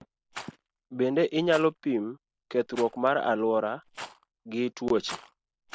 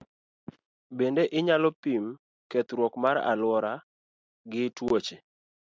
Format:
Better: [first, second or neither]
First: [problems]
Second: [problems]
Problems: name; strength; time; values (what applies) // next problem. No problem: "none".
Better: second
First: background sound (Rattle); 18 dB below the speech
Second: none